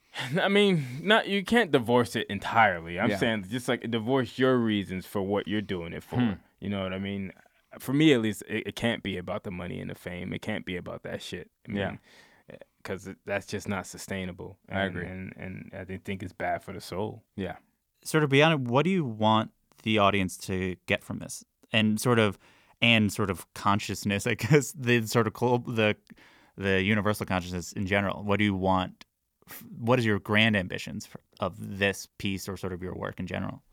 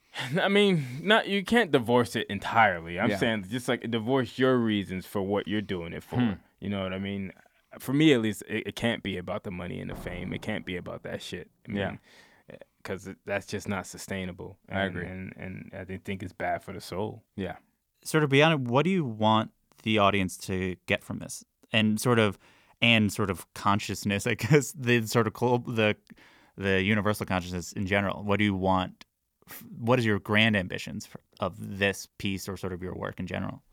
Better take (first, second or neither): first